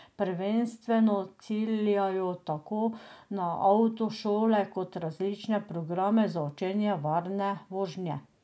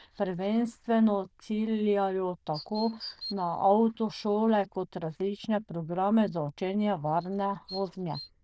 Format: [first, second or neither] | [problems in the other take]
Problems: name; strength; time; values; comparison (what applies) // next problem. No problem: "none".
first | noise reduction (neural diffusion model UNIVERSE++)